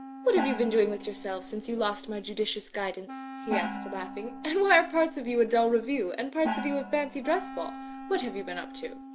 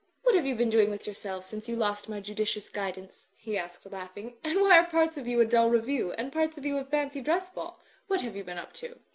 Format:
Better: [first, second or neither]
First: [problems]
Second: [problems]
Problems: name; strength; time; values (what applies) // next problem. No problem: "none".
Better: second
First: background sound (Wind instrument, woodwind instrument + Gong); 10 dB below the speech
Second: none